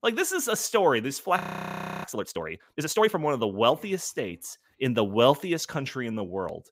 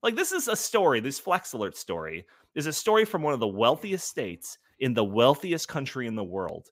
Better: second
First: audio freezing; at 1.5 s for 0.5 s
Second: none

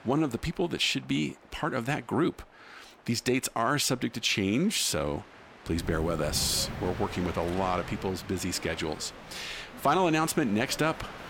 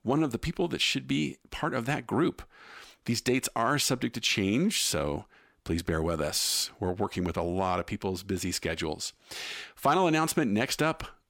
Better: second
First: train or aircraft noise; noticeable; throughout; 15 dB below the speech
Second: none

